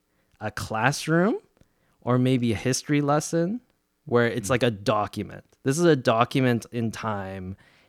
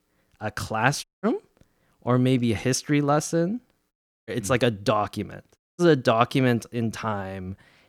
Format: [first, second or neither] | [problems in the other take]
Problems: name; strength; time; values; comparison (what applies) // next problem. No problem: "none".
first | audio cutting out; at 1 s, at 4 s and at 5.5 s